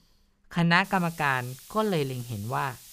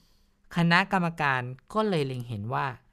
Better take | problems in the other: second | hiss; noticeable; from 1 s on; 20 dB below the speech

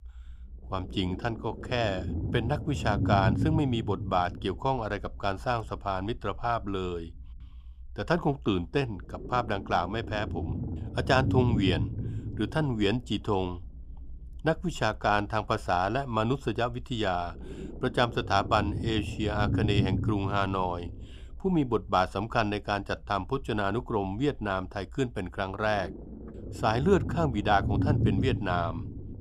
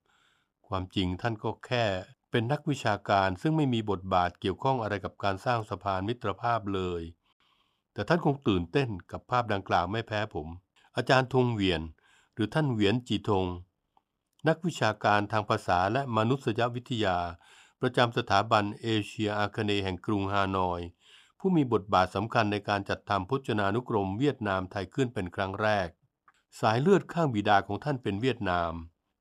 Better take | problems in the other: second | low rumble; noticeable; throughout; 10 dB below the speech

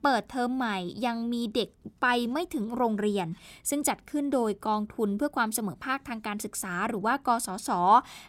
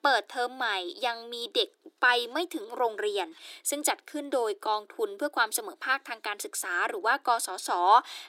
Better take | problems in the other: first | thin; very; fading below 300 Hz

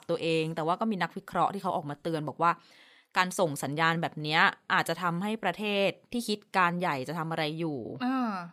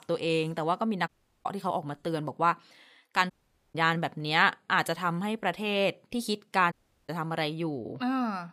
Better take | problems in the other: first | audio cutting out; at 1 s, at 3.5 s and at 6.5 s

